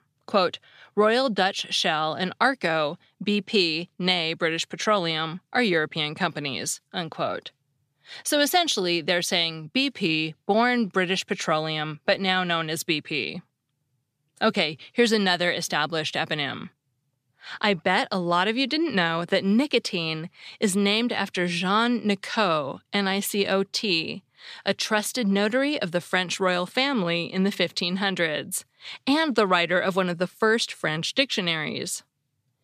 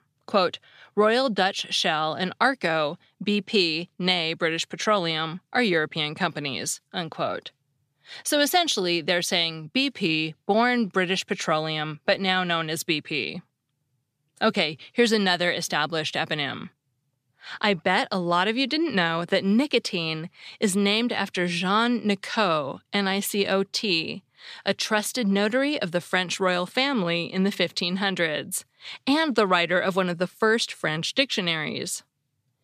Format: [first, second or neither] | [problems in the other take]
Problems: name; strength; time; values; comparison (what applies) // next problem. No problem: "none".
neither | none